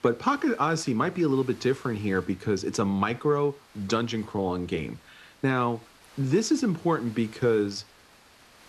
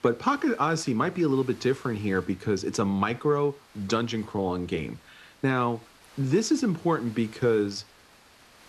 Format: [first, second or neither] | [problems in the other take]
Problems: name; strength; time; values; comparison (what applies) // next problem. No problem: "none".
neither | hiss; faint; throughout; 25 dB below the speech; the same in both